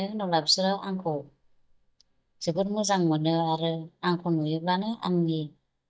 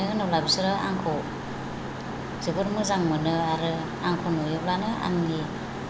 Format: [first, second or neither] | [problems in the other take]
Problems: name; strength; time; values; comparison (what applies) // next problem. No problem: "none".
second | noise reduction (neural mask model DeepFilterNet 3)